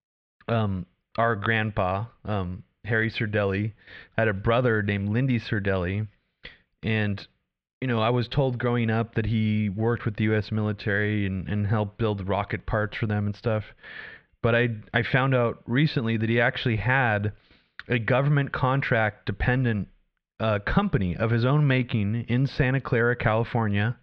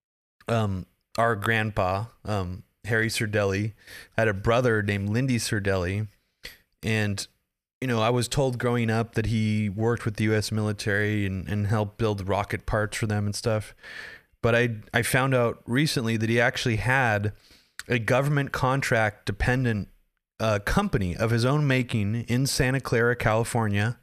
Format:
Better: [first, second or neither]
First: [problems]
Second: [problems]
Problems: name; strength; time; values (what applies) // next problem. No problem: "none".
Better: second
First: muffled; slightly; fading above 3.5 kHz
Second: none